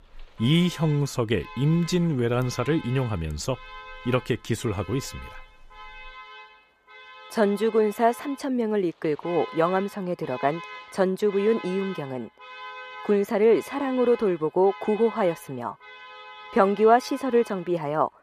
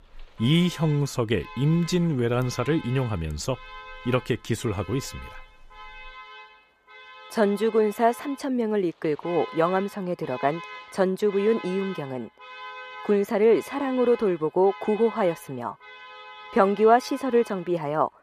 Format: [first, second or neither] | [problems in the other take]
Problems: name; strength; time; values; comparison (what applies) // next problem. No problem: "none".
neither | alarms or sirens; noticeable; throughout; 15 dB below the speech; the same in both